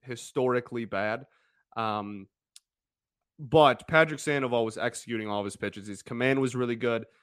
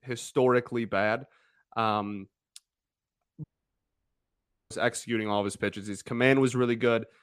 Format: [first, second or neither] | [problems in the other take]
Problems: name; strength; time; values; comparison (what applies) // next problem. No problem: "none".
first | audio cutting out; at 3.5 s for 1.5 s